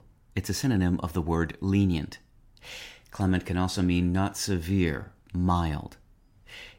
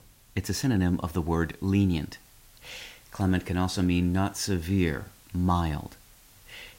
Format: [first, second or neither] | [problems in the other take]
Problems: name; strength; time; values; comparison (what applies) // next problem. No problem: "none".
first | hiss; faint; throughout; 25 dB below the speech